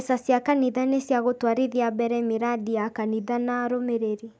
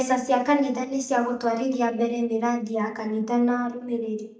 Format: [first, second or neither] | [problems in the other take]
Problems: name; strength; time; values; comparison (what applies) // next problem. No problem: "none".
first | noise reduction (neural mask model DeepFilterNet 3)